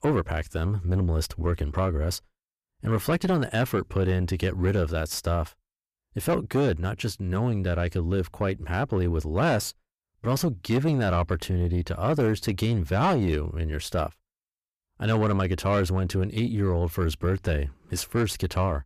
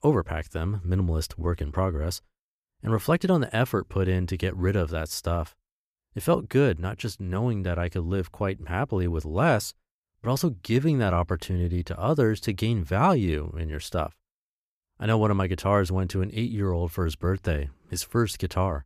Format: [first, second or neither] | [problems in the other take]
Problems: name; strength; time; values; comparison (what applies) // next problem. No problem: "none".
second | distortion; slight; 10 dB below the speech